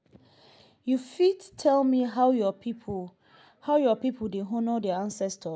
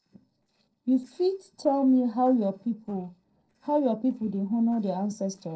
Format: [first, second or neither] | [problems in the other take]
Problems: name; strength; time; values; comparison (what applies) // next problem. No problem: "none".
first | noise reduction (neural separator model SepFormer DNS4)